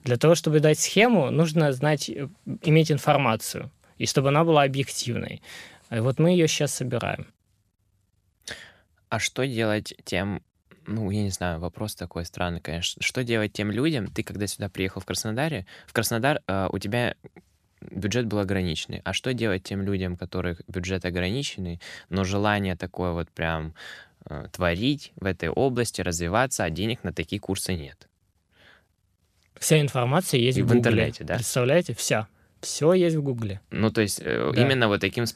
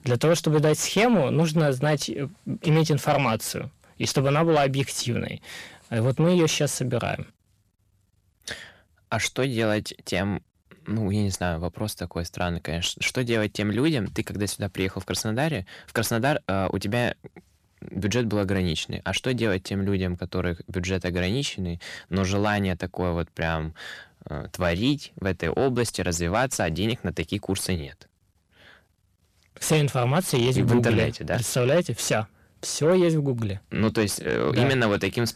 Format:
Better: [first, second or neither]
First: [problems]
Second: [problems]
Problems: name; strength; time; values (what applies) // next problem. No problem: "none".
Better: first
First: none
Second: distortion; slight; 10 dB below the speech